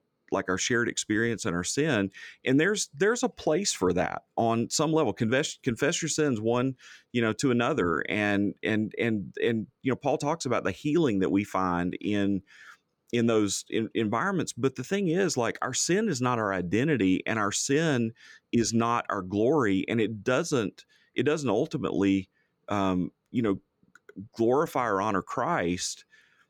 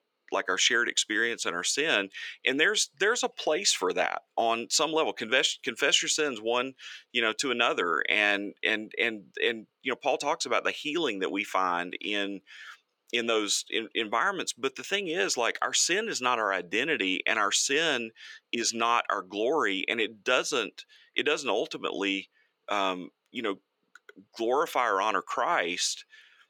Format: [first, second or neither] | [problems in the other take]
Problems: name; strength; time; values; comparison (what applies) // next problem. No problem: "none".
first | thin; somewhat; fading below 500 Hz